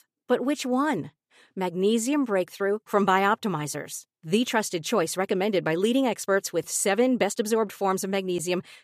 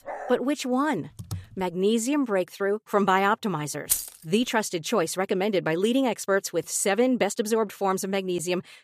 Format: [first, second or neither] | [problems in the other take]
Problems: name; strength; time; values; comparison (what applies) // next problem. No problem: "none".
first | dog barking; faint; at the start; peak 10 dB below the speech // keyboard typing; faint; at 1 s; peak 15 dB below the speech // jangling keys; noticeable; at 4 s; peak 1 dB below the speech